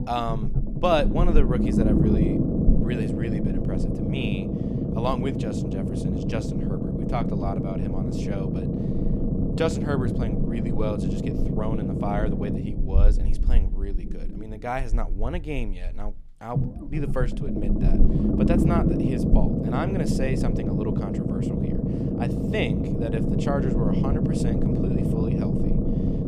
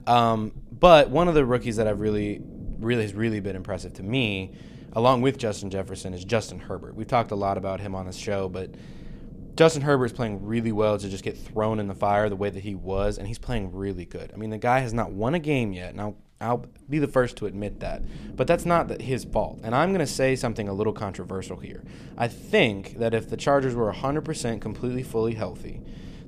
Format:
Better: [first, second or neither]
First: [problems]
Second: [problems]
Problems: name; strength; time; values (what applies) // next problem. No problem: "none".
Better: second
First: low rumble; loud; throughout; as loud as the speech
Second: low rumble; faint; throughout; 25 dB below the speech